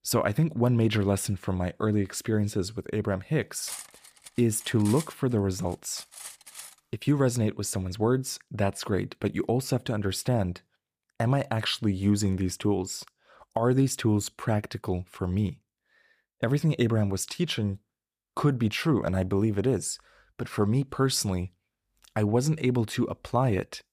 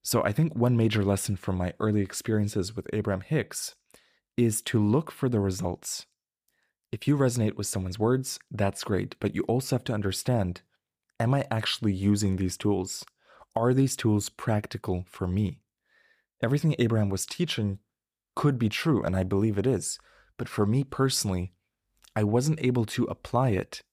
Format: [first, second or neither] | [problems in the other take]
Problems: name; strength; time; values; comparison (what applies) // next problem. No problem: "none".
second | clattering dishes; faint; from 3.5 to 6.5 s; peak 10 dB below the speech